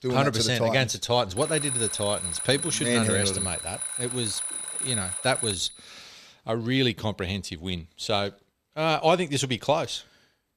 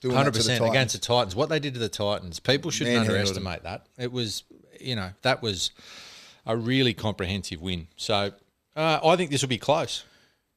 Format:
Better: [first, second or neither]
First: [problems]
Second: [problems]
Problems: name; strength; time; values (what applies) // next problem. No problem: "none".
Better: second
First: alarm; loud; from 1.5 to 5.5 s; peak 1 dB above the speech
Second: none